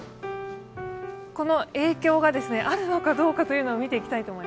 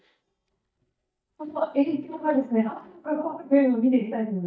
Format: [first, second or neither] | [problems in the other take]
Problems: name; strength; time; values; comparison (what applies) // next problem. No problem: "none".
first | noise reduction (neural mask model DeepFilterNet 3)